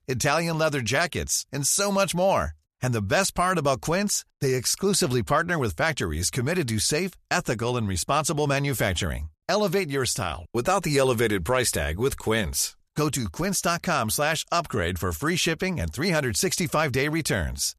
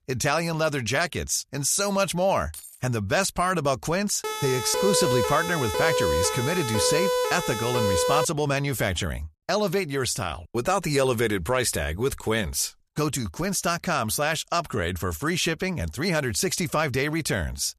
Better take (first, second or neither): first